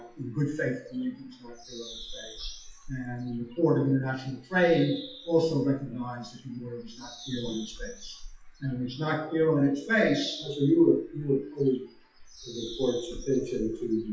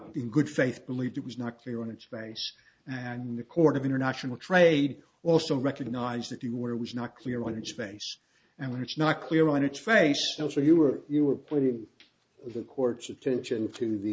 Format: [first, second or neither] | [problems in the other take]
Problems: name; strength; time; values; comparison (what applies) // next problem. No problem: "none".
second | noise reduction (classical method WPE with log-MMSE)